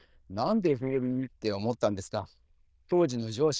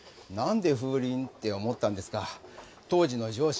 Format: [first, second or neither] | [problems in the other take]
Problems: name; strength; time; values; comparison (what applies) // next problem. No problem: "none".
second | noise reduction (neural diffusion model UNIVERSE++)